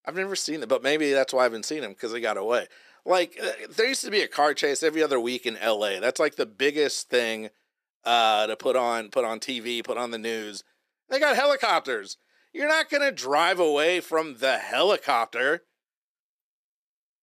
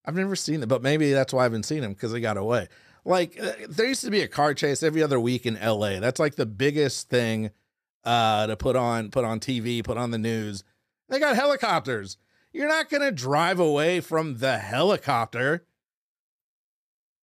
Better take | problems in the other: second | thin; somewhat; fading below 350 Hz

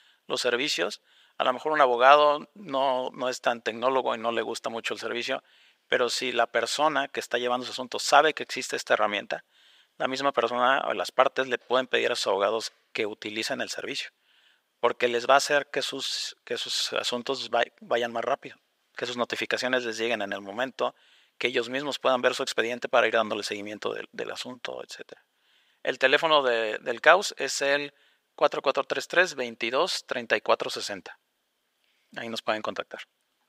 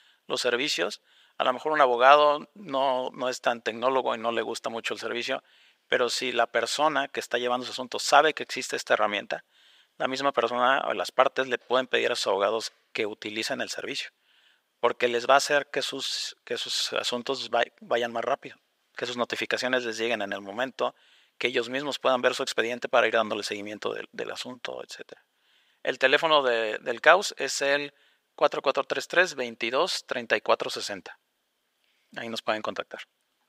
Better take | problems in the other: neither | thin; very; fading below 700 Hz; the same in both

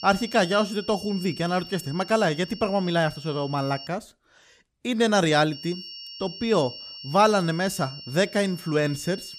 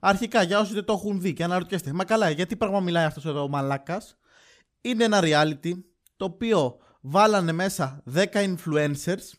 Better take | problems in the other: second | high-pitched whine; noticeable; until 4 s and from 5.5 s on; 5.5 kHz, 15 dB below the speech

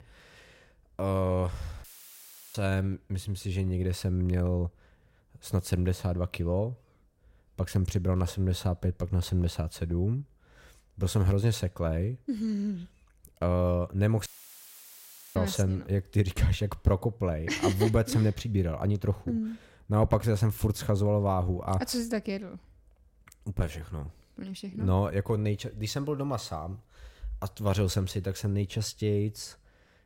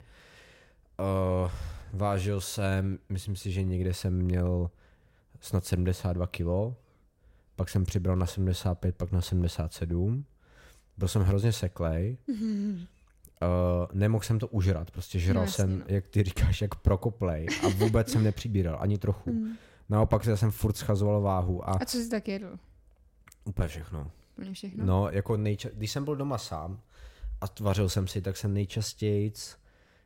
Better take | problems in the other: second | audio cutting out; filled with static; at 2 s for 0.5 s and at 14 s for 1 s

